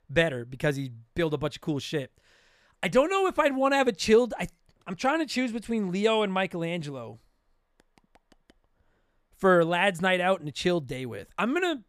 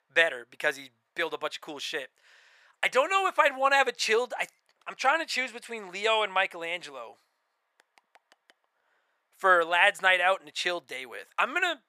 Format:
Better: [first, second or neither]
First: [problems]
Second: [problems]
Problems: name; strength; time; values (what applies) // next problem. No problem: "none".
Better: first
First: none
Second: thin; very; fading below 750 Hz